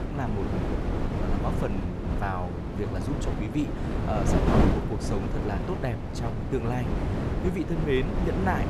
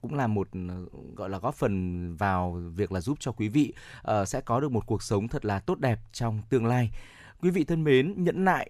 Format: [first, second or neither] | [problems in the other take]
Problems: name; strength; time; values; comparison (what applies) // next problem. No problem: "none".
second | wind noise on the microphone; heavy; as loud as the speech